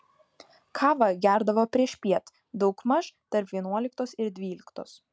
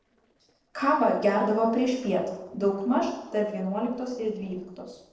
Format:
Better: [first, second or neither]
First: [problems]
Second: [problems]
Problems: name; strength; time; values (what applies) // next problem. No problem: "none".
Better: first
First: none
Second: noise reduction (neural separator model SepFormer DNS4)